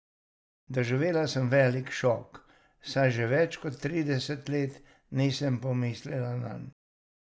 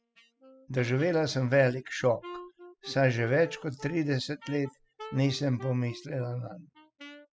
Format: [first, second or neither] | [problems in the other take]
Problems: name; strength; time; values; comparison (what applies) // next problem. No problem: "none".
first | noise reduction (classical method spectral subtraction)